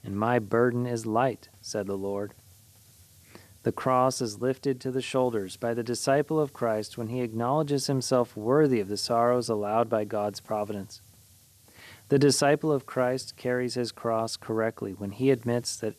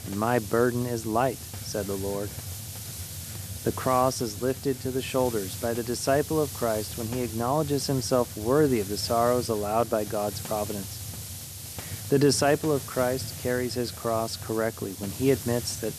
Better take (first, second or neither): first